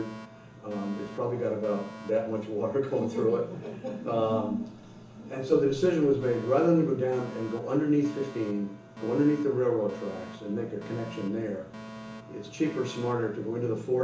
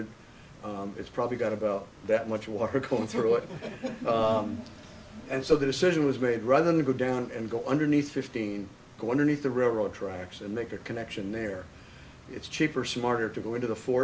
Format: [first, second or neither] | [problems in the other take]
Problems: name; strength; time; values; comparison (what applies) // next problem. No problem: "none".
second | background sound (Alarm); 18 dB below the speech // room echo; dies away in 0.8 s